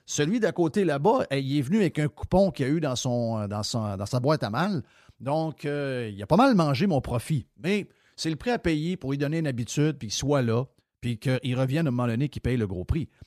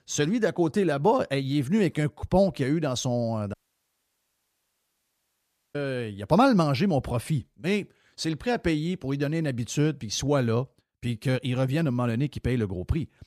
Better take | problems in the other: first | audio cutting out; at 3.5 s for 2 s

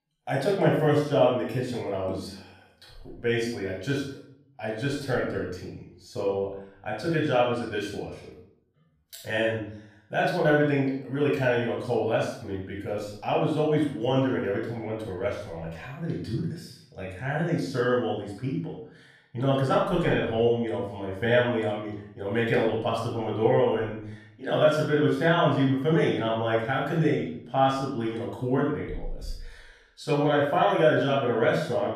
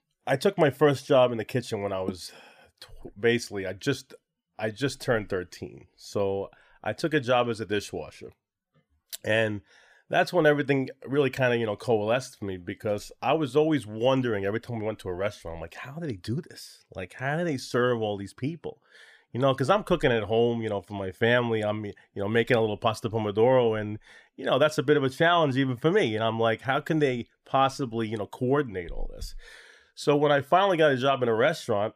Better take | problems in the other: second | off-mic speech; far // room echo; noticeable; dies away in 0.5 s

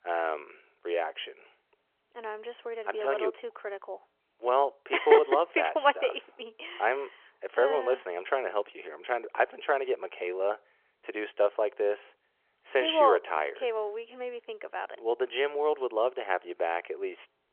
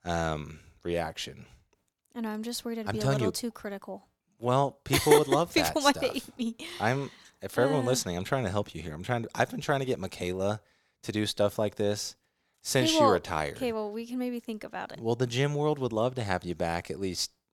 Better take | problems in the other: second | phone-call audio; nothing above 3 kHz

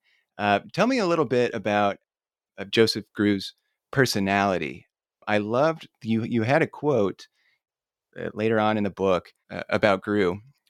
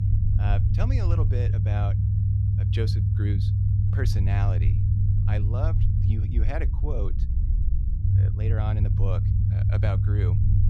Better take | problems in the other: first | low rumble; loud; throughout; 1 dB below the speech

